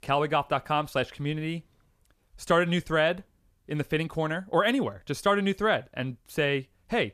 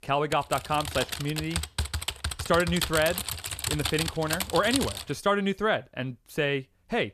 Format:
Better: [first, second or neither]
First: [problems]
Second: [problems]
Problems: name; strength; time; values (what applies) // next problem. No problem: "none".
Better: first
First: none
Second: keyboard typing; noticeable; until 5 s; peak level with the speech